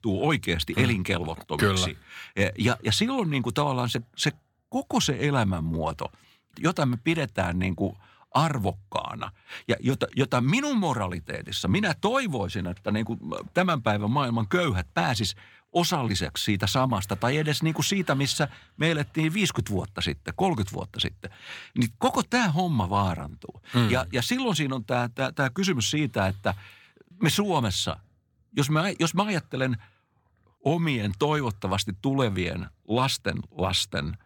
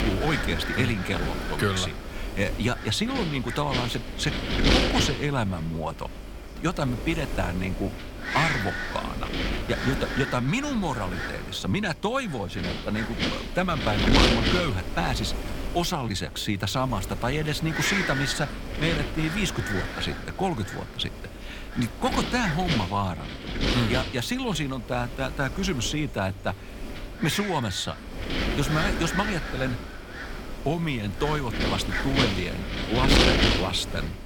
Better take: first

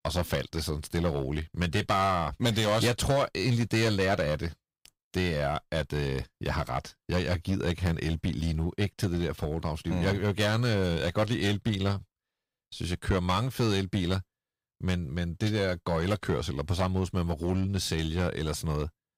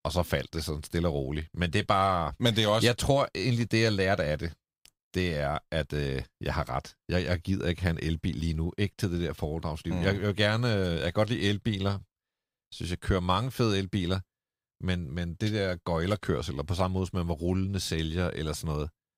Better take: second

